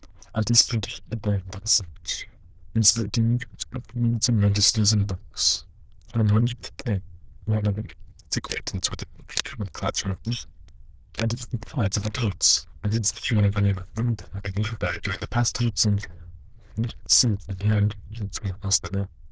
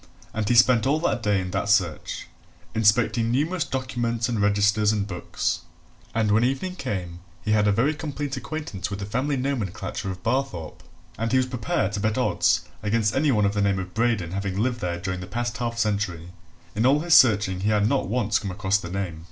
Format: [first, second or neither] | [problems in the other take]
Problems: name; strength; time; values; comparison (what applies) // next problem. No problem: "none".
second | noise reduction (neural diffusion model UNIVERSE++)